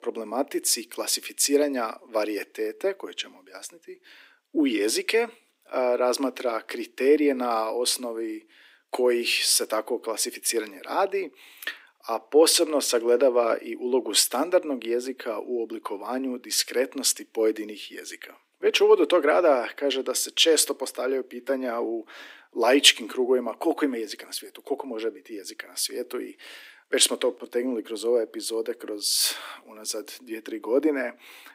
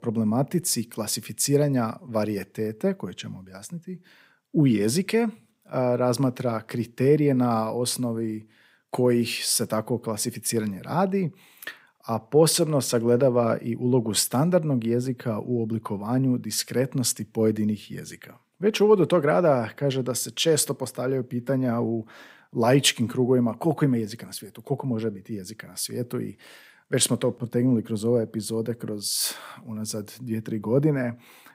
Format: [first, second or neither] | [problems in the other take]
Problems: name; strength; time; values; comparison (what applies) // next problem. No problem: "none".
second | thin; somewhat; fading below 300 Hz